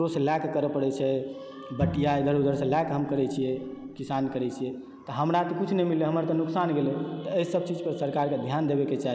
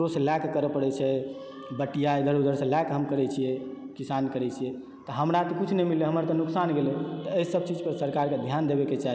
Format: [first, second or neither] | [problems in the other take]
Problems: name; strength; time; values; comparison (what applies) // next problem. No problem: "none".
second | background sound (Bowed string instrument); 9 dB below the speech